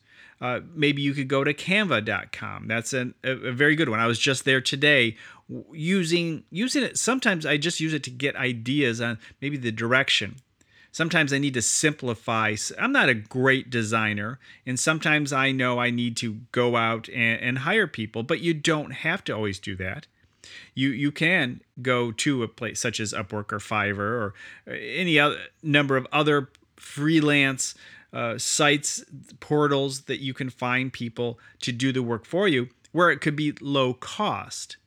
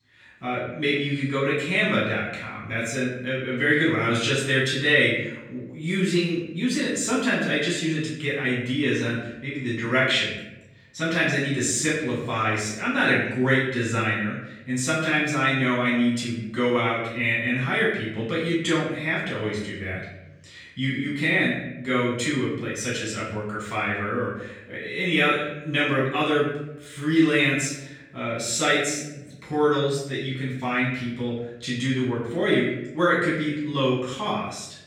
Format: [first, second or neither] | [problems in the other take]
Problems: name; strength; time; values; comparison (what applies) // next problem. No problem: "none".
first | off-mic speech; far // room echo; noticeable; dies away in 0.8 s